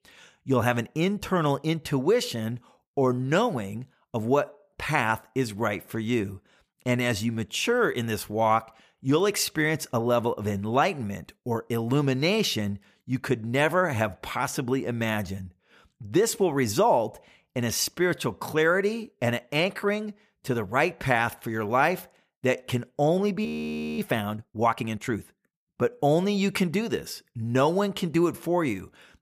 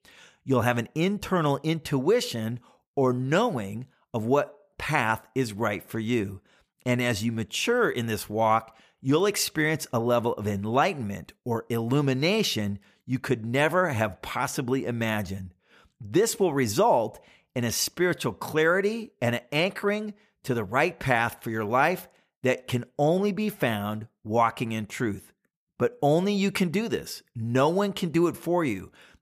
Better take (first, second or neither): second